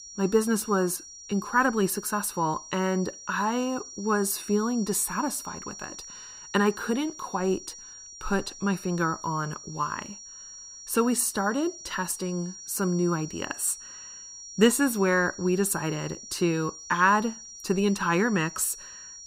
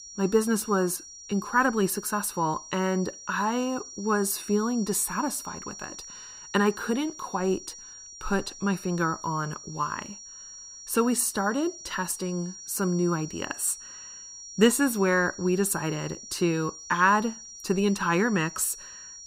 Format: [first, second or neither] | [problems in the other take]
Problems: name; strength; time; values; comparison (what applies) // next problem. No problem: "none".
neither | high-pitched whine; noticeable; throughout; 5.5 kHz, 15 dB below the speech; the same in both